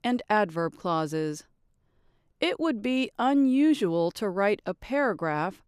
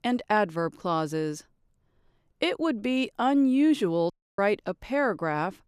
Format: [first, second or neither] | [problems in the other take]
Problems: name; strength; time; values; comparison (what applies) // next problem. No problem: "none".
first | audio cutting out; at 4 s